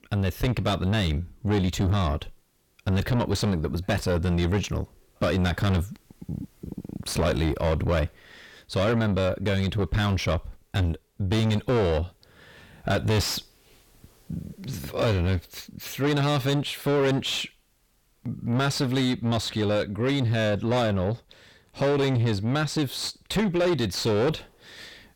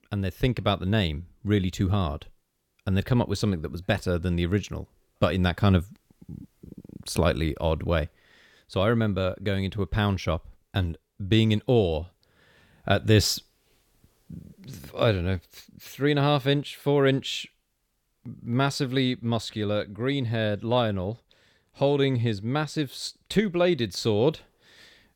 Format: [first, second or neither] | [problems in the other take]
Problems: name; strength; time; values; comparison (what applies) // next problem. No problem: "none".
second | distortion; heavy; 5 dB below the speech